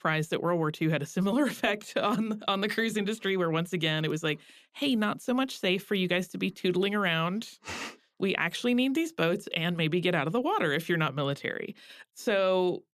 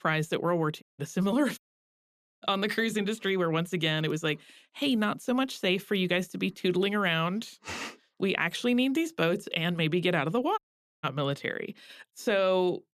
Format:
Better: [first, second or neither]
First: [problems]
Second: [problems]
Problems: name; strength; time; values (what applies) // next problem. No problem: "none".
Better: first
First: none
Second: audio cutting out; at 1 s, at 1.5 s for 1 s and at 11 s